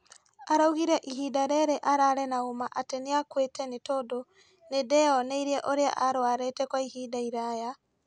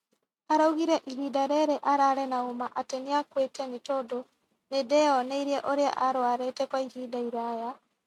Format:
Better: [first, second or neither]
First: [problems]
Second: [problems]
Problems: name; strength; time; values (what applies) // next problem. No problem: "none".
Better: first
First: none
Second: noise reduction (neural mask model RNNoise)